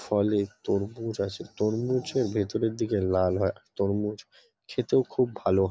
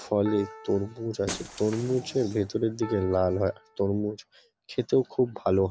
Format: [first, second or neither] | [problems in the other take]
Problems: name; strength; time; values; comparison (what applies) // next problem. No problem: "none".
first | background sound (Shatter + Piano); 17 dB below the speech